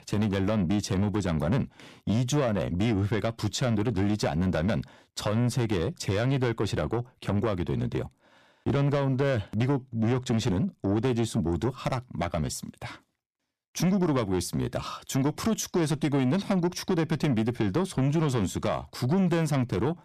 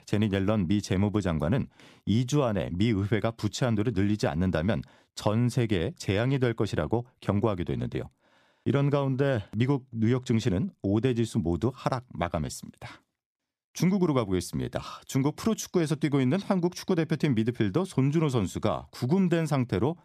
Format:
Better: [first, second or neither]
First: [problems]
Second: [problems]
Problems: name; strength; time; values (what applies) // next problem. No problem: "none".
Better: second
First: distortion; slight; 9 dB below the speech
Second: none